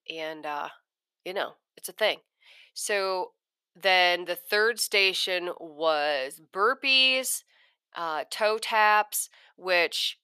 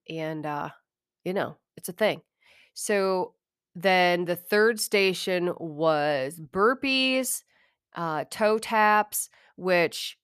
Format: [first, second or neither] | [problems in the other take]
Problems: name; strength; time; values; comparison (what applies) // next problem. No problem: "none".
second | thin; somewhat; fading below 500 Hz